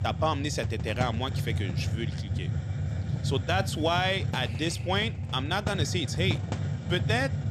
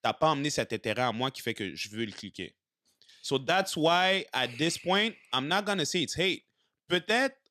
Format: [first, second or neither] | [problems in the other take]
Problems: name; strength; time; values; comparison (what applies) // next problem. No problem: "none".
second | hiss; loud; throughout; 1 dB below the speech